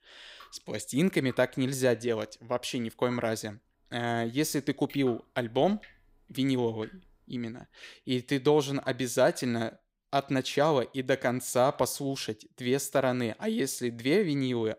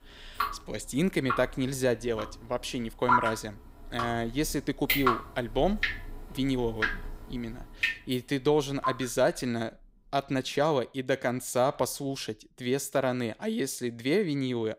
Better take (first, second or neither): first